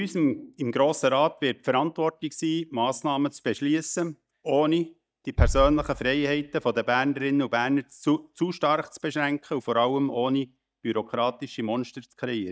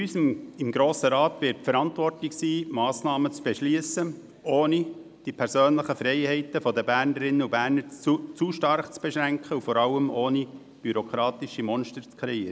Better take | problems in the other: second | noise reduction (neural mask model DeepFilterNet 3)

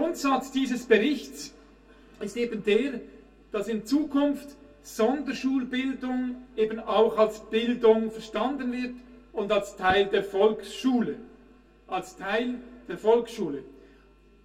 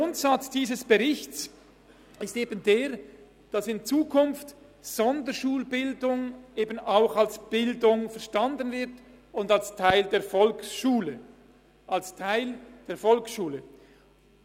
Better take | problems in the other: second | room echo; dies away in 0.2 s

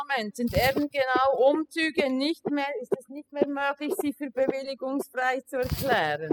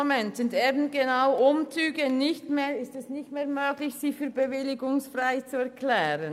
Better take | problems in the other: second | noise reduction (classical method spectral subtraction)

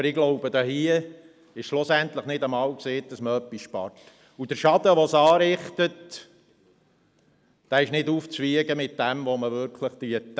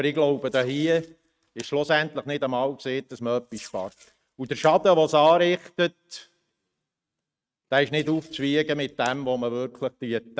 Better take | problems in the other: first | noise reduction (neural mask model RNNoise)

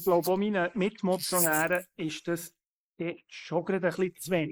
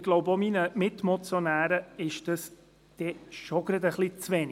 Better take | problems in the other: second | noise reduction (neural mask model Resemble Enhance denoiser)

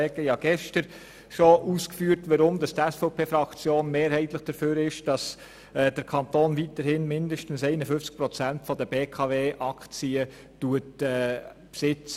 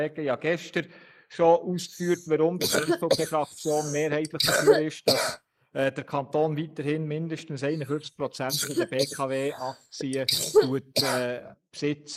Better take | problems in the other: first | noise reduction (neural mask model Resemble Enhance denoiser)

